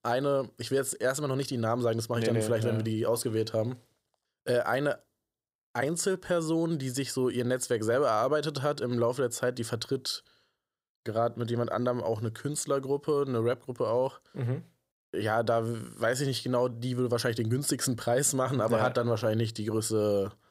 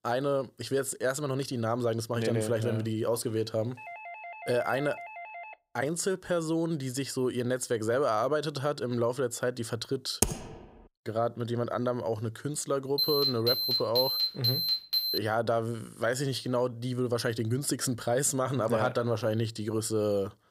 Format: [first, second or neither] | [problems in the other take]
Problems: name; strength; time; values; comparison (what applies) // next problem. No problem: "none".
first | doorbell; faint; from 4 to 5.5 s; peak 10 dB below the speech // keyboard typing; loud; at 10 s; peak 1 dB above the speech // alarm; loud; from 13 to 15 s; peak 5 dB above the speech